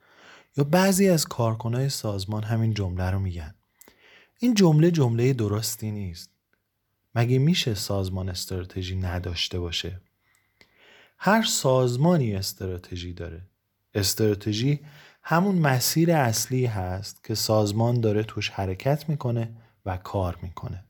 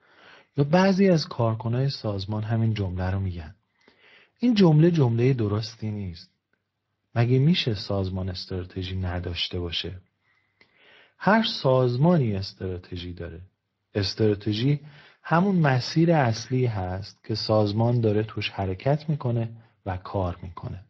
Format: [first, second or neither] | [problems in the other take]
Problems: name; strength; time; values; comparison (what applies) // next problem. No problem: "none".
first | garbled, watery; slightly